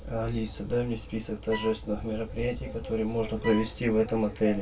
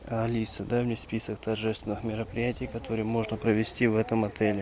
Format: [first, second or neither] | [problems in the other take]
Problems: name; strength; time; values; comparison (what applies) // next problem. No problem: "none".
second | background sound (Bowed string instrument); 13 dB below the speech // room echo; dies away in 0.1 s